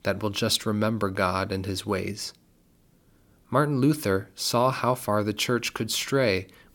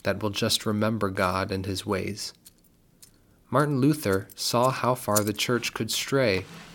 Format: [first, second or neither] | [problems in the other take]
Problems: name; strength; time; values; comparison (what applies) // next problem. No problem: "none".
first | household noises; noticeable; throughout; 10 dB below the speech